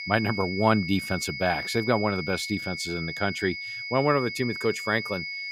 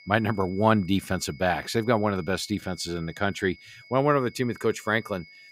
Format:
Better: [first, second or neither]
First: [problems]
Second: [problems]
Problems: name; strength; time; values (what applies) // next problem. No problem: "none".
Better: second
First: high-pitched whine; loud; throughout; 2 kHz, 6 dB below the speech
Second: high-pitched whine; faint; throughout; 2 kHz, 20 dB below the speech